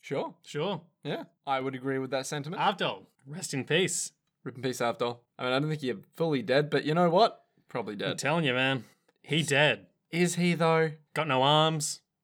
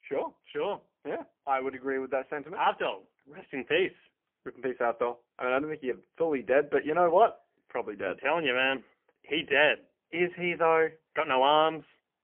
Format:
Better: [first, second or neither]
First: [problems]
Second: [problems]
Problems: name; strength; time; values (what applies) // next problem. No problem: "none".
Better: first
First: none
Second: phone-call audio; poor line; nothing above 3 kHz